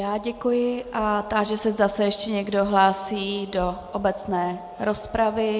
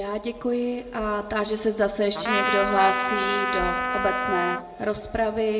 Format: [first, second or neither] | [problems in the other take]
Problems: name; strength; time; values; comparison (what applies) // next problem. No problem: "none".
first | background sound (Trumpet); 1 dB below the speech // room echo; dies away in 1 s